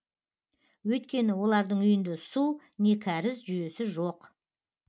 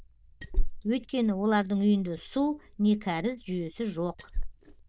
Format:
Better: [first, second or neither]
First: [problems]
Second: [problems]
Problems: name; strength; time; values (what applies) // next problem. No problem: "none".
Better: first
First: none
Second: noise reduction (neural diffusion model UNIVERSE++)